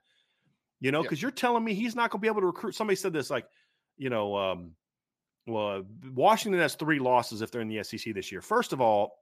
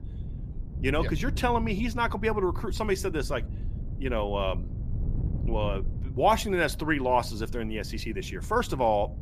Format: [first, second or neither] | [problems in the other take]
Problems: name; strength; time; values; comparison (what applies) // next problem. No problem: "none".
first | wind noise on the microphone; occasional gusts; 20 dB below the speech